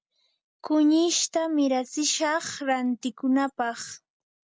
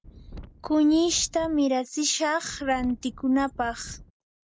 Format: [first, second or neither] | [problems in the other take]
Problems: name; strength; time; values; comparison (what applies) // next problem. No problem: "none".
first | background sound (Wind); 18 dB below the speech